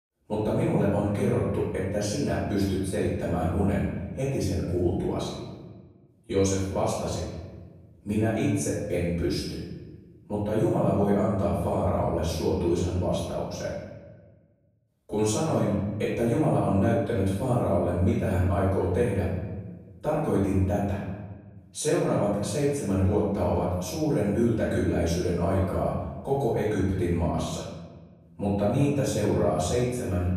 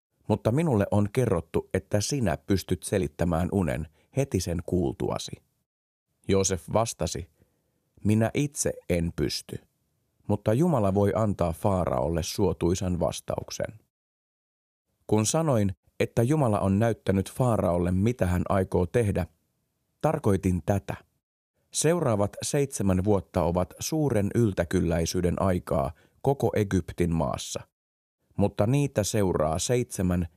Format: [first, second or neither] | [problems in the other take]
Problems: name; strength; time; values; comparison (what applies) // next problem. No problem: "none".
second | off-mic speech; far // room echo; noticeable; dies away in 1.2 s